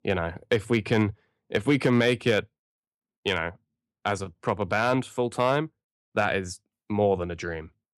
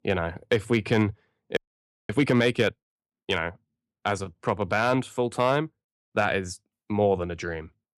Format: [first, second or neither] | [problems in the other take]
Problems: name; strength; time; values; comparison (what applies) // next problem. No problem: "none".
first | audio freezing; at 1.5 s for 0.5 s